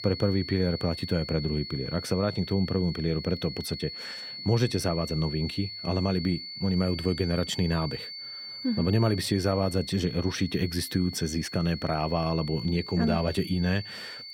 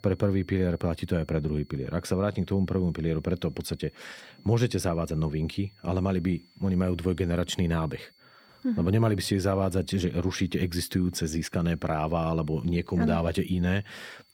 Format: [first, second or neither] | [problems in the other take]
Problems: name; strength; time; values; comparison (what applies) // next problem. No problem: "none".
second | high-pitched whine; loud; throughout; 4.5 kHz, 9 dB below the speech; faint in the second